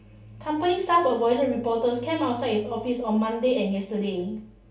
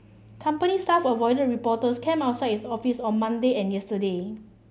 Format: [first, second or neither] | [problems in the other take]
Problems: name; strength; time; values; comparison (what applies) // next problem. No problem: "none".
second | room echo; dies away in 0.3 s